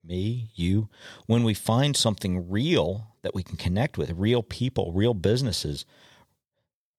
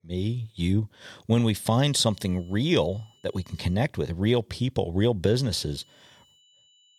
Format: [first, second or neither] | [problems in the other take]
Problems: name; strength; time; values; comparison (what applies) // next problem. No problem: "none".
first | high-pitched whine; faint; from 1.5 to 4 s and from 5.5 s on; 3 kHz, 35 dB below the speech